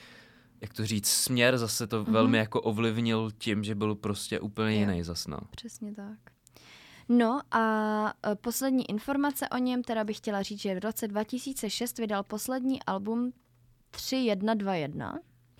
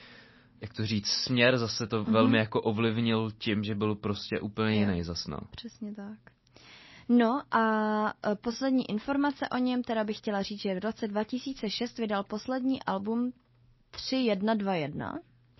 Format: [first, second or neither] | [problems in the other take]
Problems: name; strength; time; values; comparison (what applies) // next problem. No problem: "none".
first | garbled, watery; slightly; nothing above 5.5 kHz